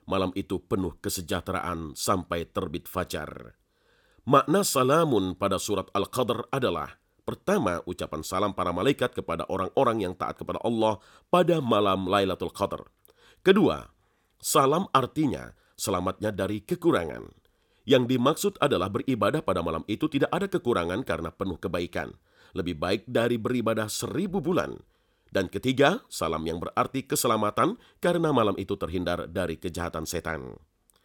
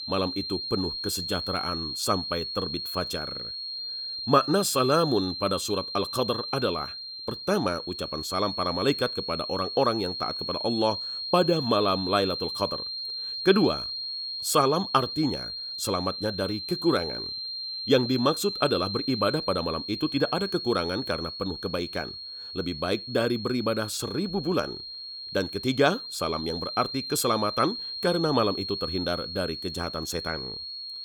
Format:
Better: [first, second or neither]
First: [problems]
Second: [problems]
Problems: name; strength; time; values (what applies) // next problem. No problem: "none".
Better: first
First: none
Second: high-pitched whine; loud; throughout; 4.5 kHz, 5 dB below the speech